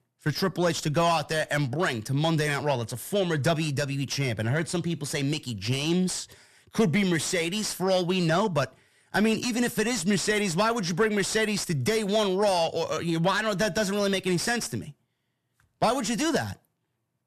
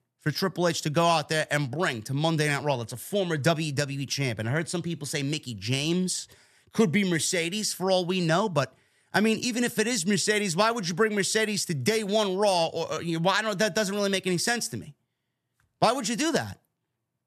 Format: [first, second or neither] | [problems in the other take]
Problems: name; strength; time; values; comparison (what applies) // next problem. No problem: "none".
second | distortion; slight; 10 dB below the speech